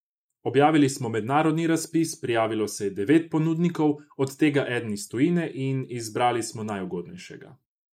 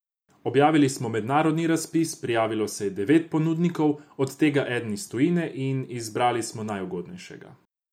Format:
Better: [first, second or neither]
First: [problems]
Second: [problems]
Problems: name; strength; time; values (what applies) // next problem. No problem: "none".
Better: second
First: noise reduction (neural mask model Resemble Enhance denoiser)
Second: none